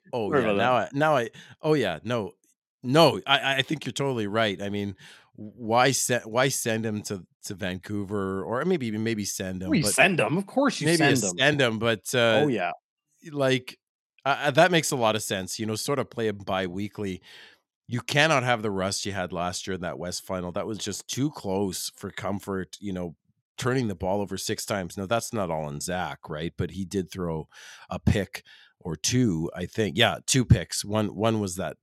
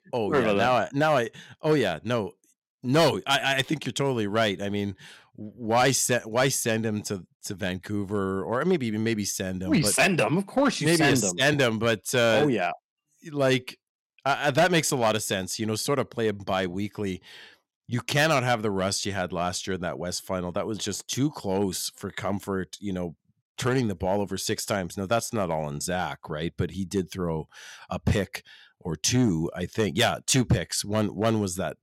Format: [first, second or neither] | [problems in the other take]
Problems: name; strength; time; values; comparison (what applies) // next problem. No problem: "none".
first | distortion; slight; 2% of the sound clipped